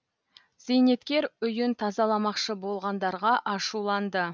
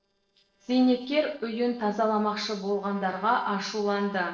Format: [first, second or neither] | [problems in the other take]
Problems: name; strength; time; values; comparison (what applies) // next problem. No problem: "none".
first | noise reduction (neural separator model SepFormer DNS4)